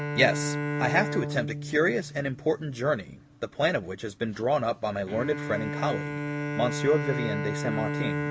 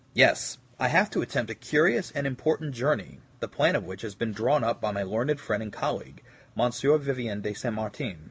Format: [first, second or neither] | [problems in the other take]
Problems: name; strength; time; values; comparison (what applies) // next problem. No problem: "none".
second | background sound (Bowed string instrument); 4 dB below the speech